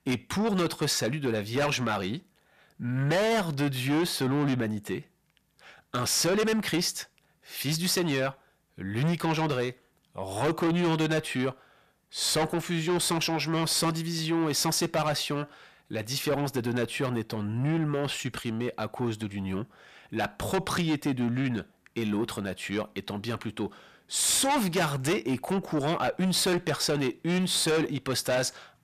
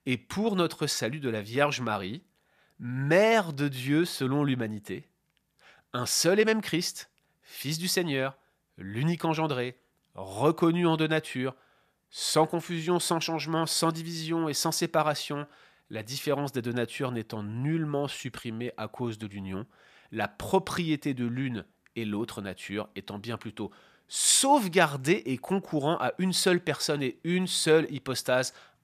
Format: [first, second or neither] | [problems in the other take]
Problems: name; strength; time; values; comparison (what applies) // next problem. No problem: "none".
second | distortion; heavy; 6 dB below the speech